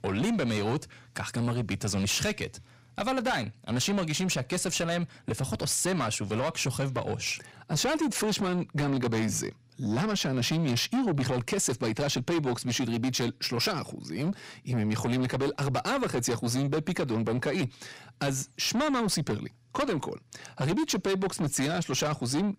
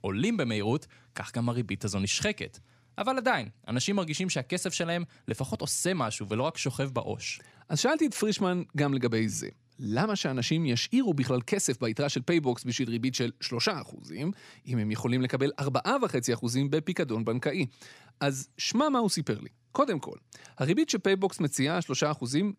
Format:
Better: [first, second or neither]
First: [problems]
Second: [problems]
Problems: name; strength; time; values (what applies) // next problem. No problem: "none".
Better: second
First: distortion; heavy; 7 dB below the speech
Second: none